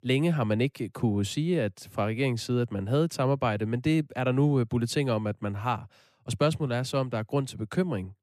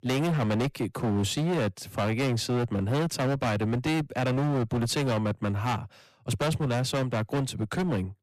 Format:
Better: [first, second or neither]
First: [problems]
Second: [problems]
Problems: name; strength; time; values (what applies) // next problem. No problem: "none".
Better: first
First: none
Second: distortion; heavy; 29% of the sound clipped